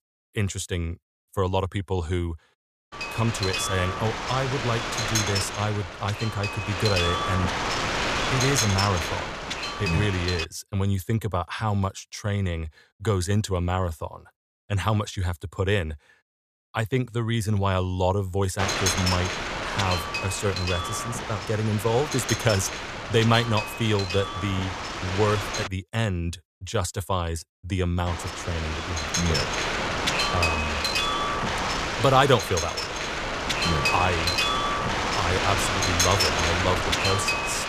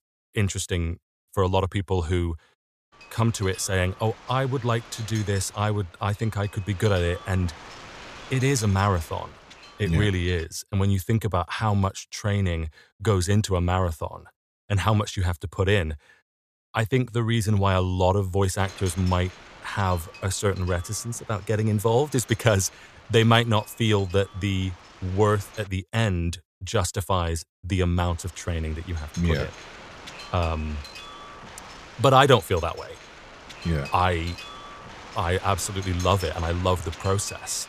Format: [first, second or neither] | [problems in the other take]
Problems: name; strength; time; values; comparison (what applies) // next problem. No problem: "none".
second | wind noise on the microphone; heavy; from 3 to 10 s, from 19 to 26 s and from 28 s on; 3 dB above the speech; occasional gusts in the second